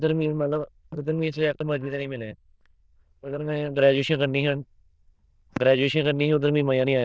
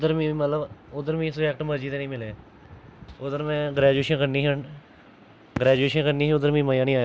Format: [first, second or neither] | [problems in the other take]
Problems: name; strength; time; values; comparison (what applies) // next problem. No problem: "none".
second | noise reduction (neural diffusion model UNIVERSE++)